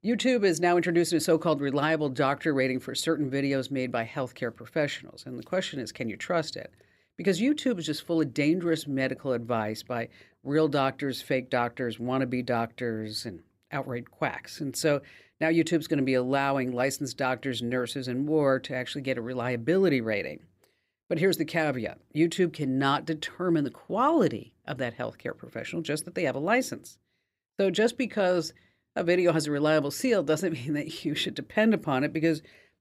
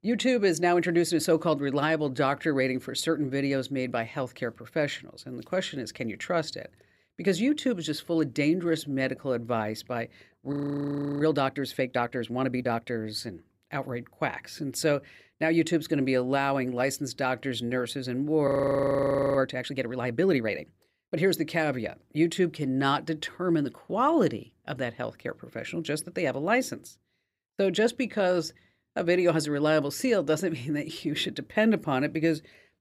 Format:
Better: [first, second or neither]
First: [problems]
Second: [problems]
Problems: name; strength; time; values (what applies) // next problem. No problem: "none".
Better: first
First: none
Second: audio freezing; at 11 s for 0.5 s and at 18 s for 1 s